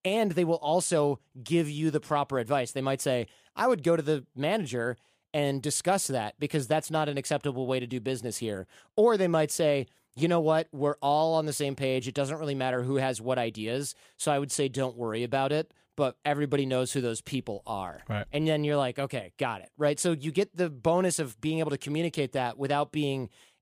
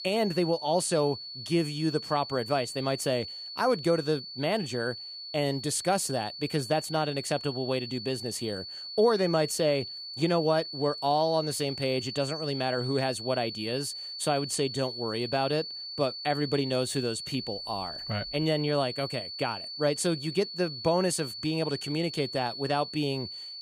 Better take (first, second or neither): first